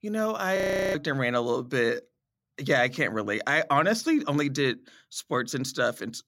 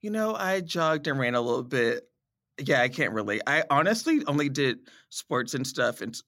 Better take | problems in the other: second | audio freezing; at 0.5 s

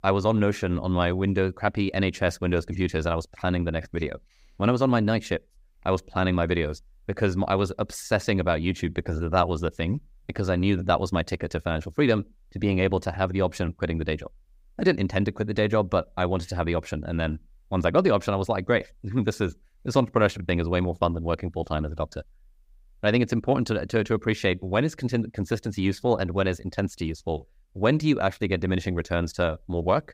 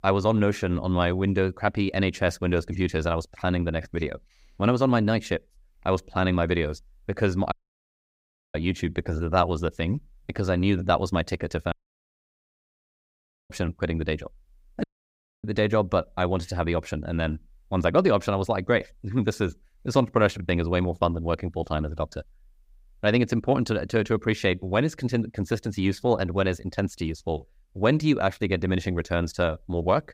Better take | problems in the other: first | audio cutting out; at 7.5 s for 1 s, at 12 s for 2 s and at 15 s for 0.5 s

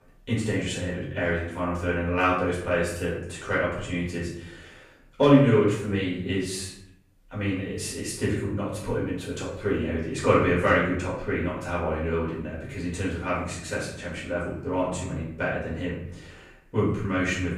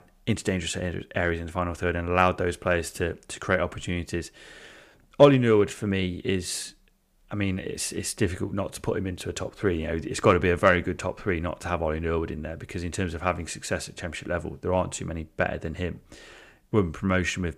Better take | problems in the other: second | room echo; noticeable; dies away in 0.6 s // off-mic speech; far

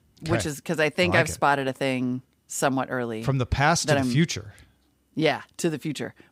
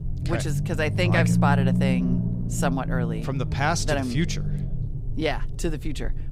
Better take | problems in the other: first | low rumble; loud; throughout; 8 dB below the speech

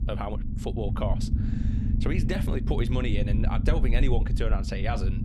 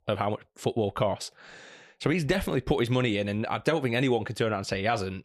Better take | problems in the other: second | low rumble; loud; throughout; 7 dB below the speech

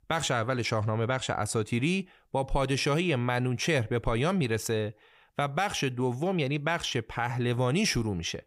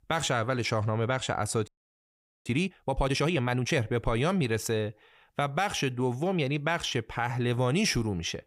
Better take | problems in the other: first | audio freezing; at 1.5 s for 1 s

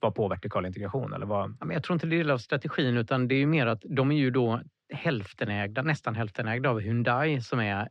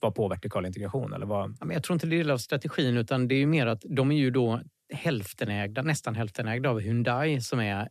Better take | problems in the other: second | muffled; slightly; fading above 4 kHz

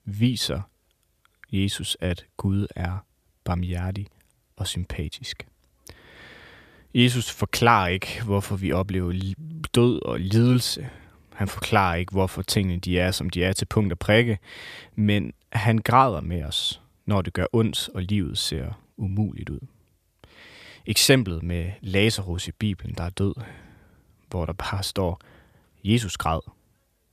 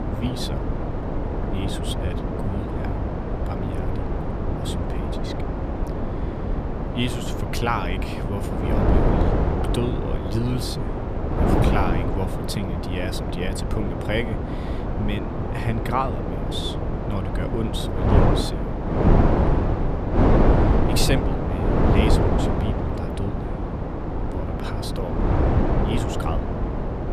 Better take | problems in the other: first | wind noise on the microphone; heavy; 3 dB above the speech

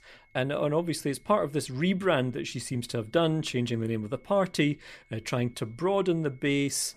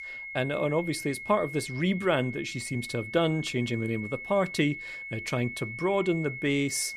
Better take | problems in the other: first | high-pitched whine; loud; throughout; 2 kHz, 9 dB below the speech; faint in the first

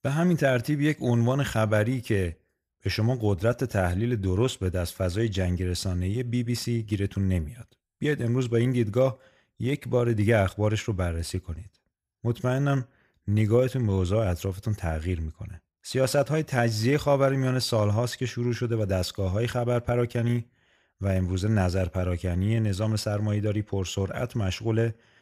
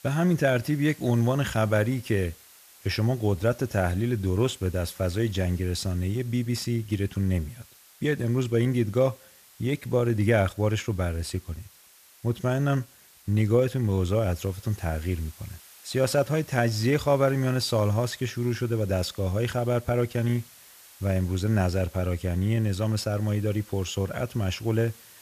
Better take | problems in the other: first | hiss; faint; throughout; 25 dB below the speech

